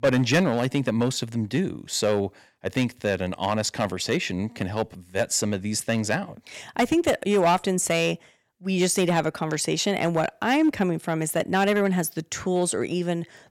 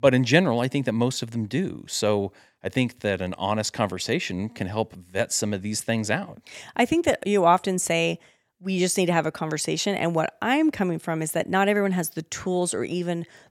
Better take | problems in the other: second | distortion; slight; 3% of the sound clipped

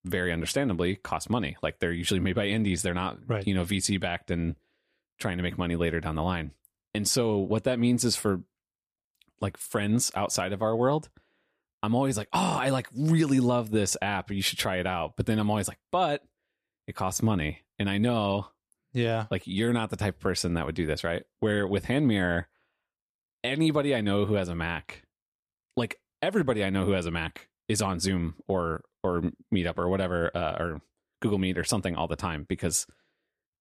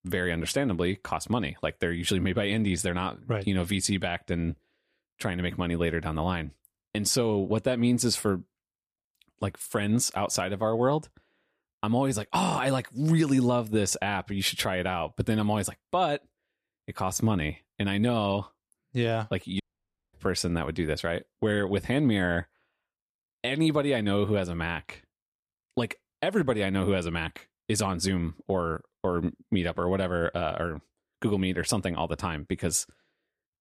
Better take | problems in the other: first | audio cutting out; at 20 s for 0.5 s

